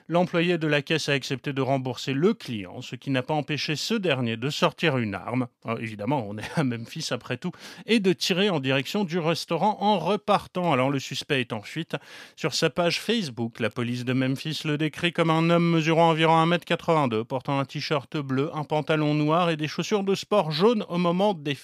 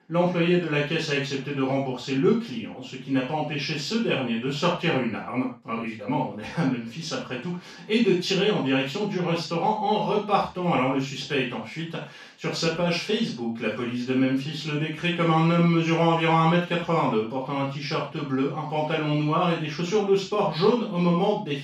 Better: first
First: none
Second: room echo; noticeable; dies away in 0.3 s // off-mic speech; far

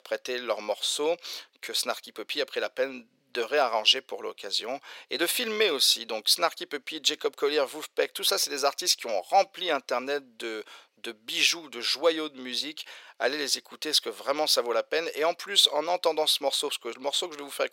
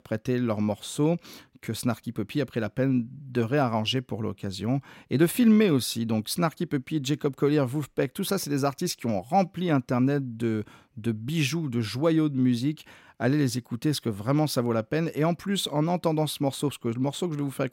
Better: second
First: thin; very; fading below 500 Hz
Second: none

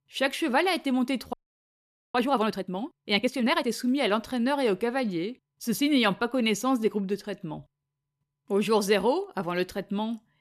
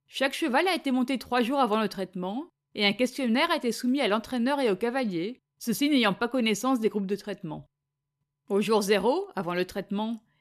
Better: second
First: audio freezing; at 1.5 s for 1 s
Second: none

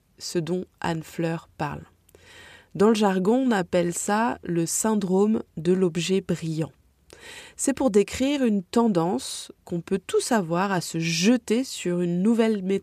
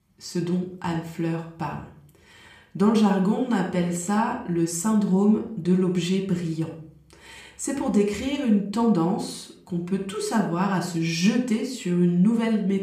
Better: first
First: none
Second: room echo; slight; dies away in 0.5 s // off-mic speech; somewhat distant

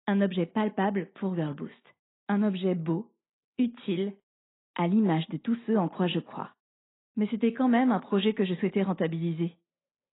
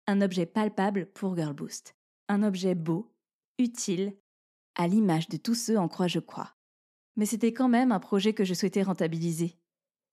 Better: second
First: garbled, watery; badly; nothing above 4 kHz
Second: none

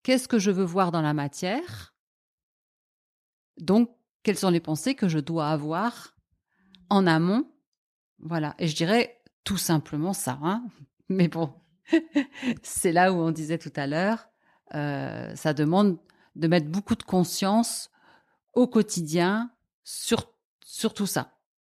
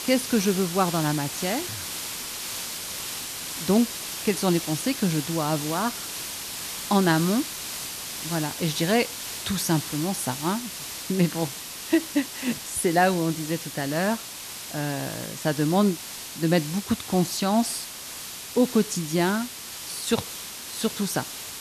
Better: first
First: none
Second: hiss; loud; throughout; 7 dB below the speech

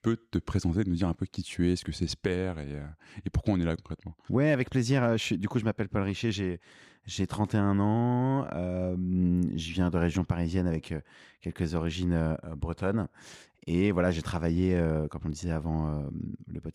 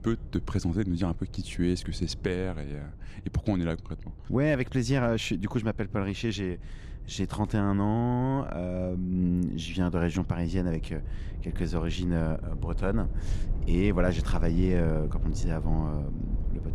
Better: first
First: none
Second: low rumble; noticeable; throughout; 20 dB below the speech

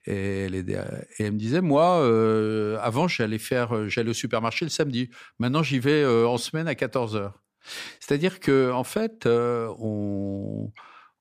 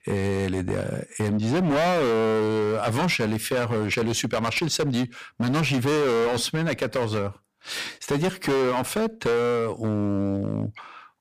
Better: first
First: none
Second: distortion; heavy; 21% of the sound clipped

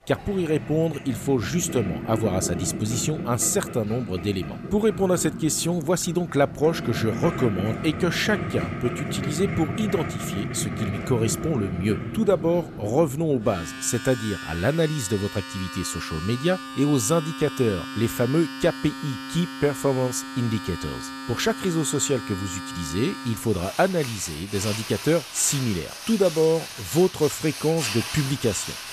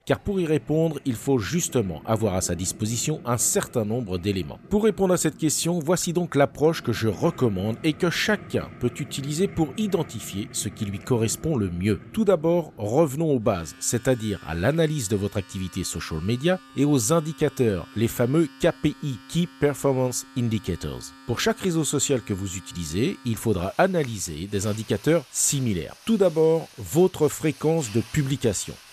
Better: second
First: household noises; loud; throughout; 8 dB below the speech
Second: household noises; faint; throughout; 20 dB below the speech

